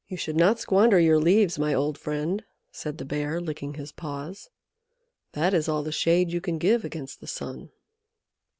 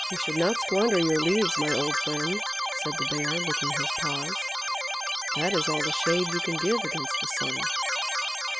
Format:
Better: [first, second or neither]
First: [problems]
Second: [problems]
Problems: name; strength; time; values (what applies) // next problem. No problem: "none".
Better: first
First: none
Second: background sound (Keyboard (musical)); 1 dB above the speech